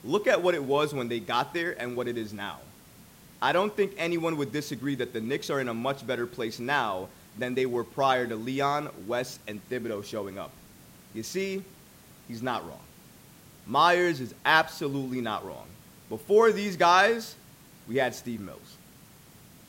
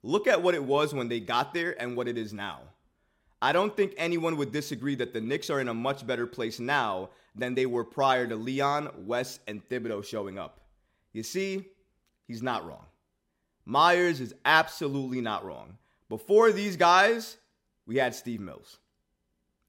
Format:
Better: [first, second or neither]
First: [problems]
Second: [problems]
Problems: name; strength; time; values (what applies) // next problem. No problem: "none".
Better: second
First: hiss; faint; throughout; 25 dB below the speech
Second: none